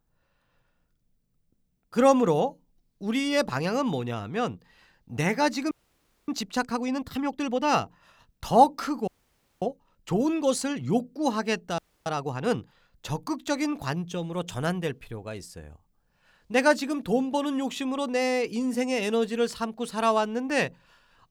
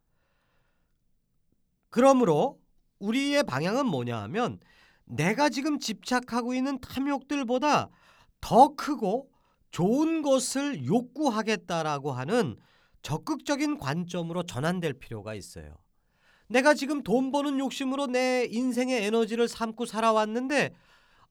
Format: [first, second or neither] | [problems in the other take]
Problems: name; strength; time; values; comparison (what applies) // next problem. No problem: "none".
second | audio freezing; at 5.5 s for 0.5 s, at 9 s for 0.5 s and at 12 s